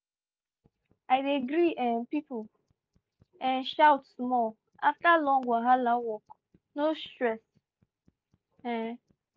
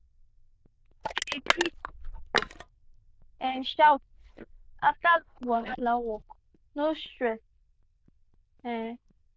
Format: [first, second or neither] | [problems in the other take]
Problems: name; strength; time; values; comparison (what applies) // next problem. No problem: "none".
first | noise reduction (neural diffusion model UNIVERSE++)